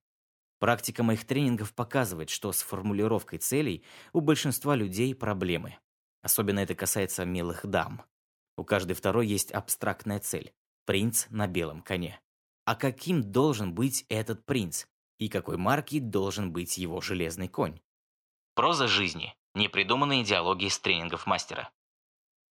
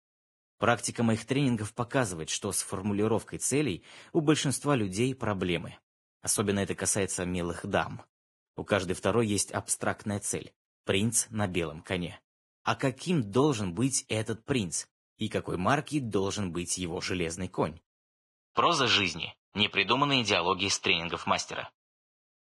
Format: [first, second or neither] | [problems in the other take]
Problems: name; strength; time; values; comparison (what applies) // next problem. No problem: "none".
first | garbled, watery; badly; nothing above 11.5 kHz